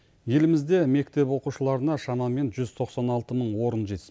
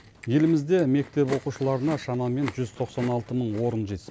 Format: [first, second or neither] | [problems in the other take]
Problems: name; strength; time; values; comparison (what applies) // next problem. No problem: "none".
first | background sound (Chewing, mastication); 17 dB below the speech